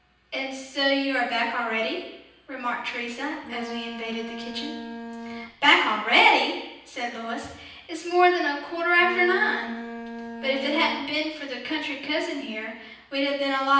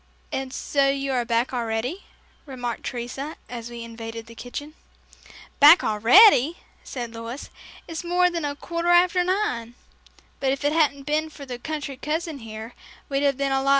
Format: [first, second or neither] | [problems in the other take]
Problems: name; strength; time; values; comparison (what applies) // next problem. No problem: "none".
second | background sound (Bowed string instrument); 11 dB below the speech // room echo; dies away in 0.9 s